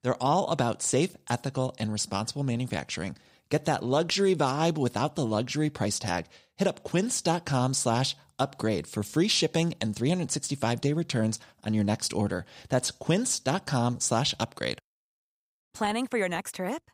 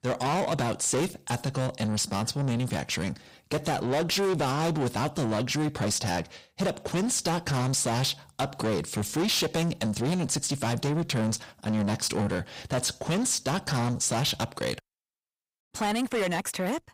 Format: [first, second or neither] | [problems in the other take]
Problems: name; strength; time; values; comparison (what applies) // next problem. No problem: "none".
first | distortion; heavy; 7 dB below the speech